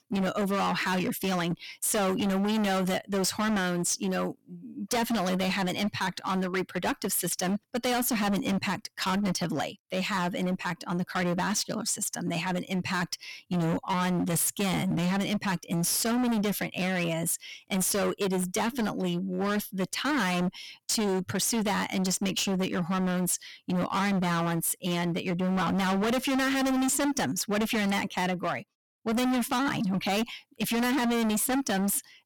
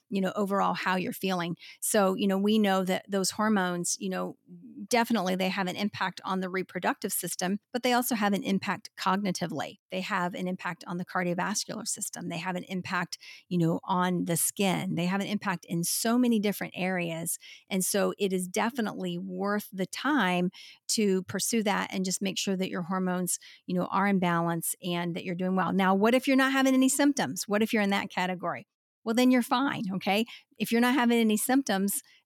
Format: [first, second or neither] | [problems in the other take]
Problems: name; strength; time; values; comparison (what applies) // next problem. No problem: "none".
second | distortion; heavy; 26% of the sound clipped